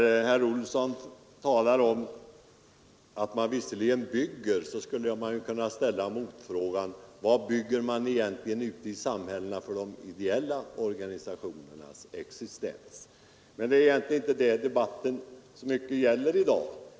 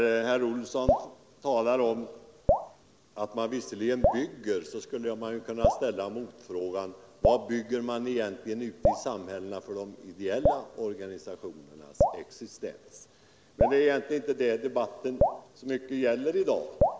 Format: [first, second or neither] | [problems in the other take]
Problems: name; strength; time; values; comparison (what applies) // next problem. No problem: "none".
first | background sound (Drip); 2 dB below the speech